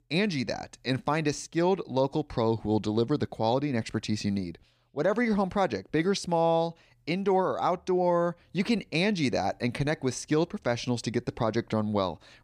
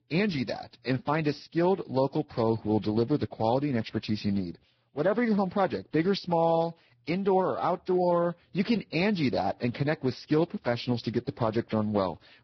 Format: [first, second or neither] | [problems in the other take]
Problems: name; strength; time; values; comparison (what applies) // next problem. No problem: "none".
first | garbled, watery; badly; nothing above 5.5 kHz